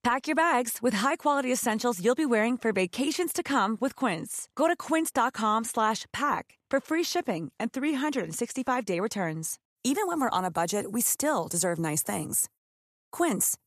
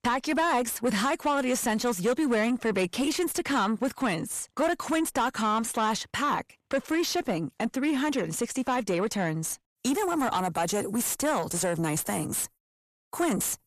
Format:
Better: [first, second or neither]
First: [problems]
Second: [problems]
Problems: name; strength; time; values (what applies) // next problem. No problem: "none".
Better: first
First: none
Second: distortion; slight; 10 dB below the speech